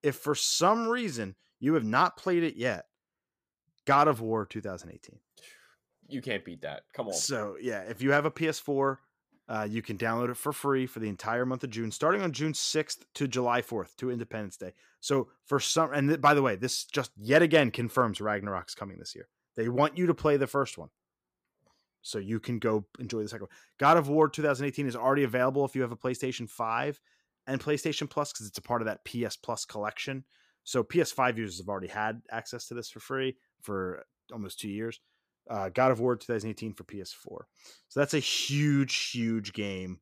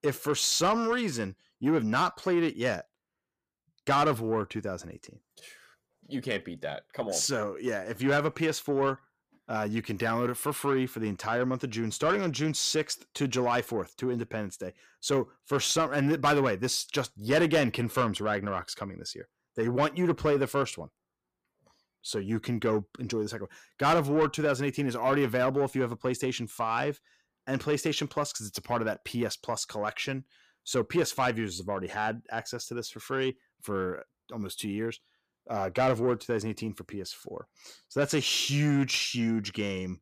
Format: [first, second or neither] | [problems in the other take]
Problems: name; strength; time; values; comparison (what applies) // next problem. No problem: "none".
first | distortion; slight; 10 dB below the speech